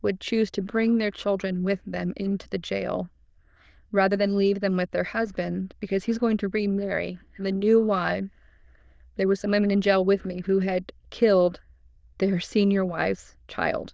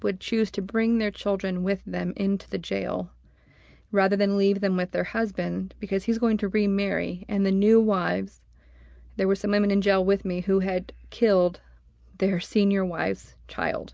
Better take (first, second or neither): second